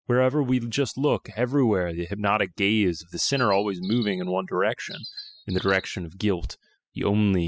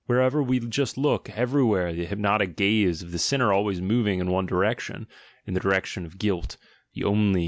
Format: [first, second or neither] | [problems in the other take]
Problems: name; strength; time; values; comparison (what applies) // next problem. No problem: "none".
second | noise reduction (classical method spectral subtraction)